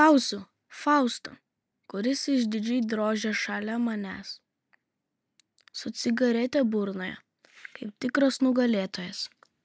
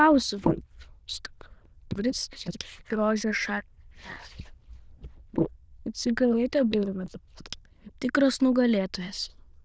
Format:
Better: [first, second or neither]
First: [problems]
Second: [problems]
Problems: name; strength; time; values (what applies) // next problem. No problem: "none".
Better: first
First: none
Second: noise reduction (neural diffusion model UNIVERSE++)